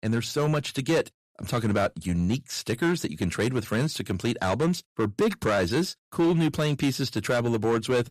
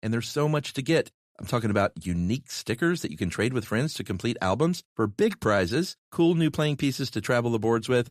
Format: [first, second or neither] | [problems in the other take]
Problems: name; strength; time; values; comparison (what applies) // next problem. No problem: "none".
second | distortion; slight; 8% of the sound clipped